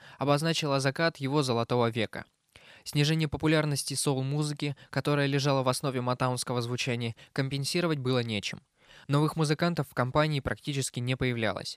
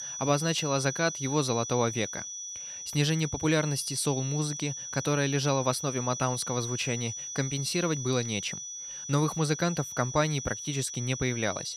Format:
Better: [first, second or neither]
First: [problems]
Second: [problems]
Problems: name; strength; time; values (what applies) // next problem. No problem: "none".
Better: first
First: none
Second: high-pitched whine; loud; throughout; 6 kHz, 6 dB below the speech